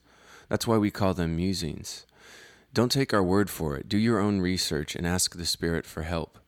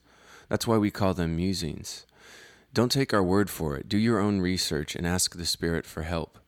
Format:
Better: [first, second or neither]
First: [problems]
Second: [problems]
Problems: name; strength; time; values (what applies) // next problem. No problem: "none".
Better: neither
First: none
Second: none